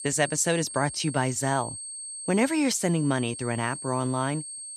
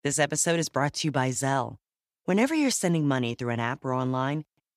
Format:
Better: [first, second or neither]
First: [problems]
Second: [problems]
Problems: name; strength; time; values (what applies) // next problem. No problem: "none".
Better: second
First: high-pitched whine; loud; throughout; 8.5 kHz, 9 dB below the speech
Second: none